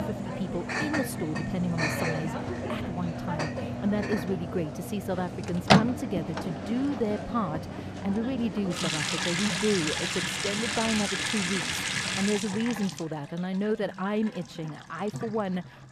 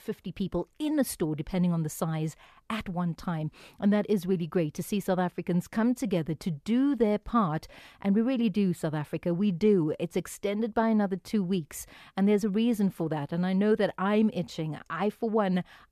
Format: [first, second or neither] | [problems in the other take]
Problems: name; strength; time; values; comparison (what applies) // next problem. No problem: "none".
second | household noises; very loud; throughout; 2 dB above the speech